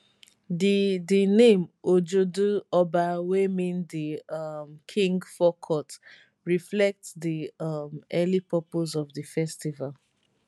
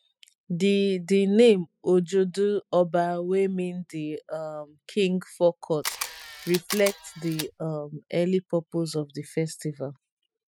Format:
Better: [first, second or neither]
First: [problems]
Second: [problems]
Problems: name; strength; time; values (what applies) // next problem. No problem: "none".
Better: first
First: none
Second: noise reduction (classical method spectral subtraction)